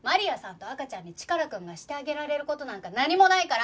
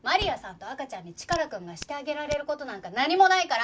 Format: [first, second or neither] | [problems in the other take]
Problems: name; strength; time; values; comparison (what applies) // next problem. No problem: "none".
first | background sound (Slam + Hands); 16 dB below the speech